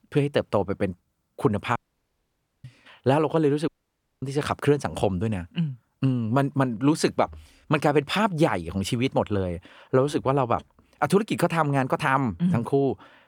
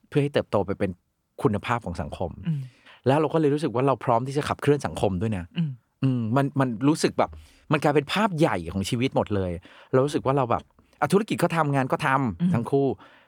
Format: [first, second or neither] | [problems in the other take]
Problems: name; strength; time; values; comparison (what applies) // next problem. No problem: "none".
second | audio cutting out; at 2 s for 1 s and at 3.5 s for 0.5 s